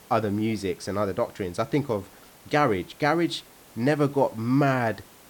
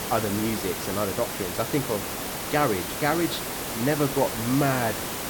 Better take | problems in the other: first | hiss; loud; throughout; 3 dB below the speech; faint in the first

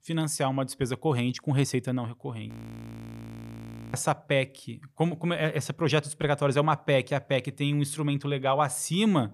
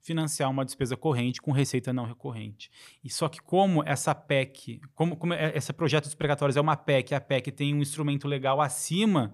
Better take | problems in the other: second | audio freezing; at 2.5 s for 1.5 s

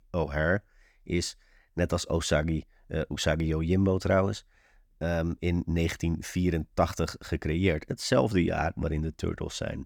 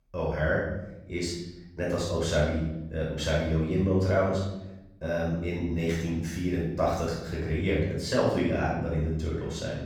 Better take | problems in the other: first | off-mic speech; far // room echo; noticeable; dies away in 0.8 s

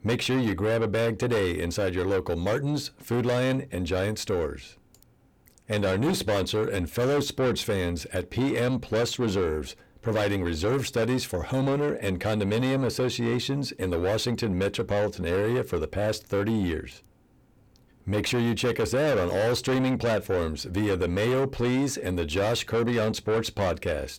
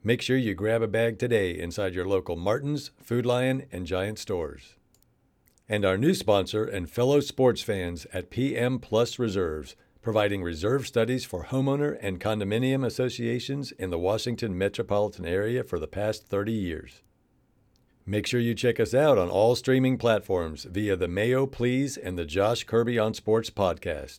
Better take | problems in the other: second | distortion; heavy; 7 dB below the speech

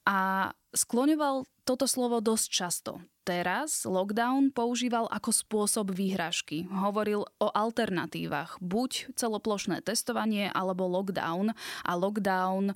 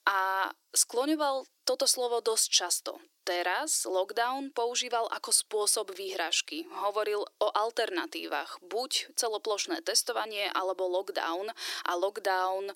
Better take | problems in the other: first | thin; very; fading below 350 Hz

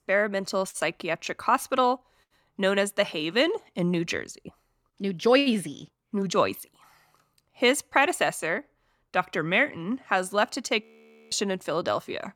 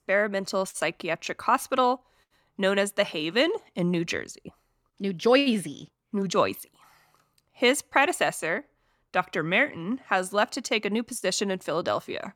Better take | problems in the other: second | audio freezing; at 11 s

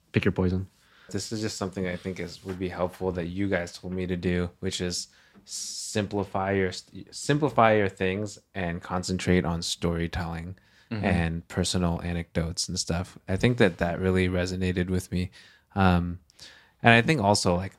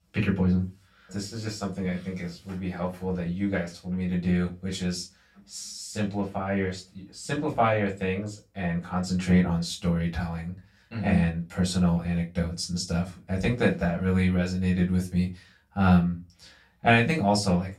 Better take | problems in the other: first | off-mic speech; far // room echo; very slight; dies away in 0.2 s

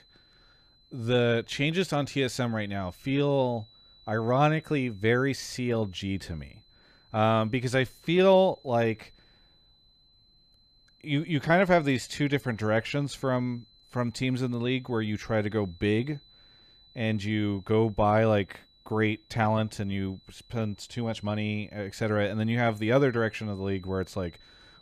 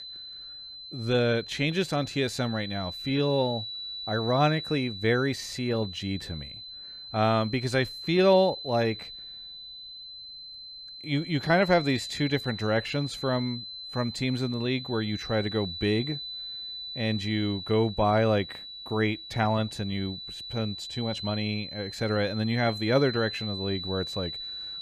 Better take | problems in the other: first | high-pitched whine; loud; throughout; 4 kHz, 9 dB below the speech; faint in the first

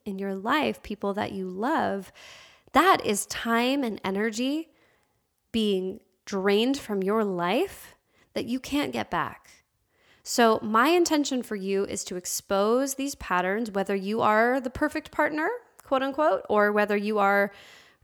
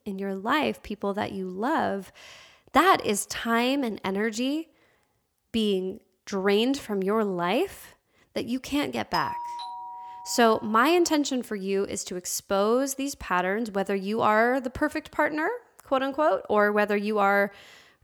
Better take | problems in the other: first | doorbell; noticeable; from 9 to 11 s; peak 6 dB below the speech

